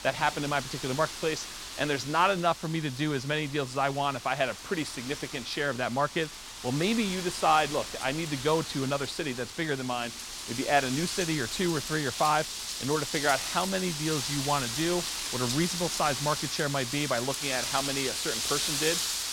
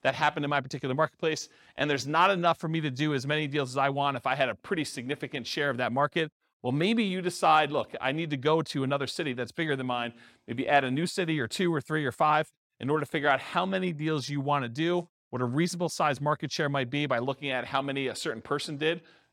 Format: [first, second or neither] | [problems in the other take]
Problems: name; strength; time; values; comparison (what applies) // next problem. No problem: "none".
second | wind noise on the microphone; heavy; 5 dB below the speech